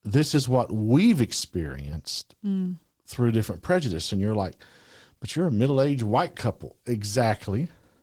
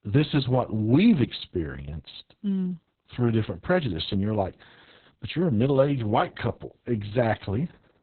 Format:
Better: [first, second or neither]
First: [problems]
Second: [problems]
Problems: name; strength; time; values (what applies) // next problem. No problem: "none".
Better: first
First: garbled, watery; slightly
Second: garbled, watery; badly; nothing above 4 kHz